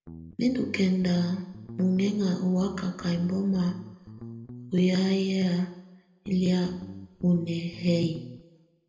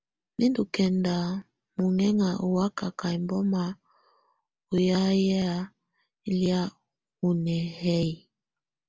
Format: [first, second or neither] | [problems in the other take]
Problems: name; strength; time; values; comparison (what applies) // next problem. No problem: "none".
second | background sound (Guitar); 16 dB below the speech // room echo; dies away in 0.9 s